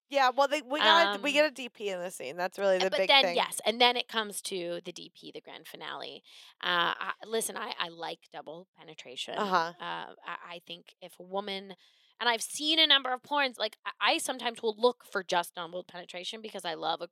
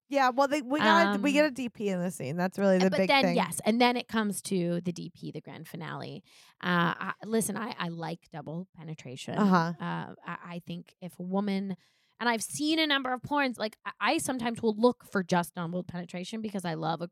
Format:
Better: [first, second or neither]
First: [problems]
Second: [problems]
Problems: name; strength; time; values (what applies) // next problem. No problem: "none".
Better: second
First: thin; somewhat; fading below 500 Hz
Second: none